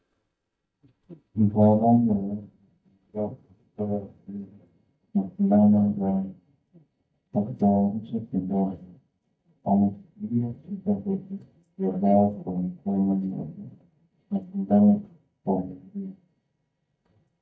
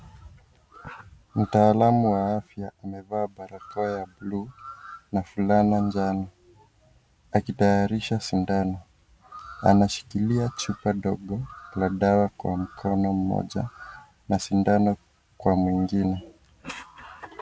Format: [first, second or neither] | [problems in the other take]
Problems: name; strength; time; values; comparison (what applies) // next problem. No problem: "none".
second | noise reduction (neural mask model DeepFilterNet 3)